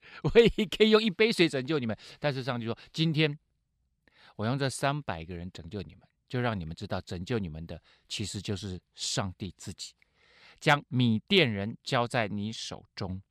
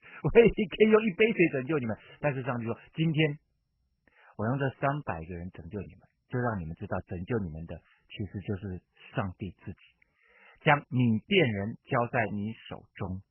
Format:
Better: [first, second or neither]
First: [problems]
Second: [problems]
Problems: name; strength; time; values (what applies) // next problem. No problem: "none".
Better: first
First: none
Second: garbled, watery; badly; nothing above 3 kHz